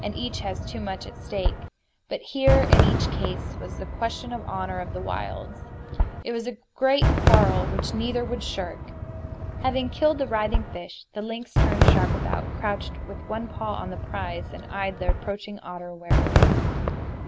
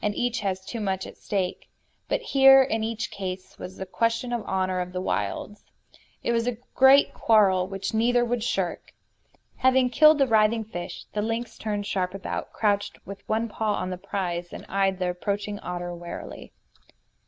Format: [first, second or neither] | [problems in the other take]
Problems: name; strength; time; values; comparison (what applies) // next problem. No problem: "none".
second | background sound (Fireworks); 4 dB above the speech